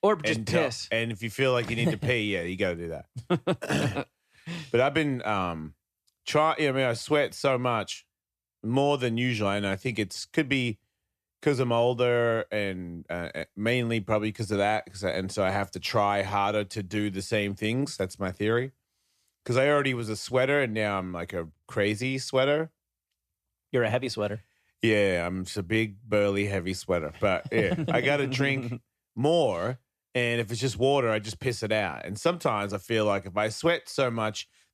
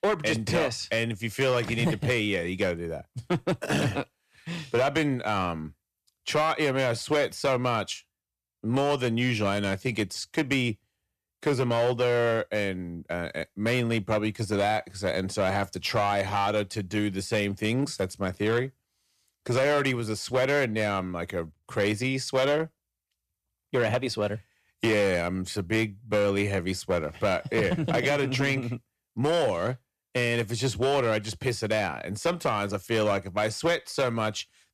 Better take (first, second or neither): first